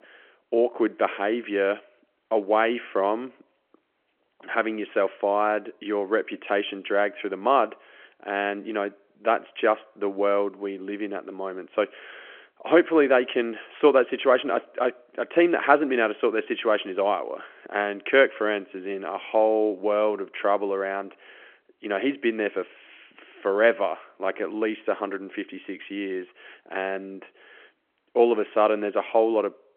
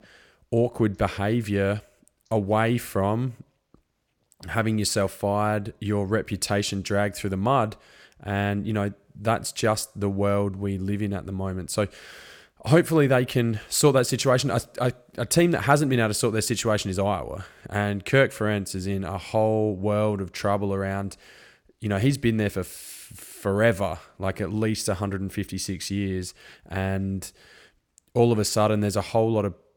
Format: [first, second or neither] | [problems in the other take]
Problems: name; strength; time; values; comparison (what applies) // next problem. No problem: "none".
second | phone-call audio